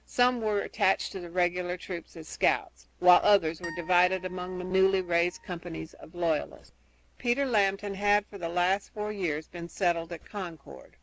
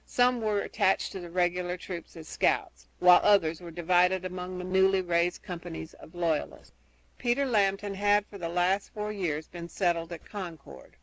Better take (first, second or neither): second